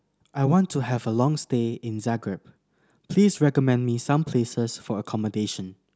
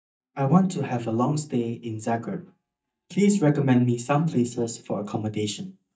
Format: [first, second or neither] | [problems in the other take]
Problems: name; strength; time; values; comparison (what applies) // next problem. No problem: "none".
first | noise reduction (neural mask model DeepFilterNet 3)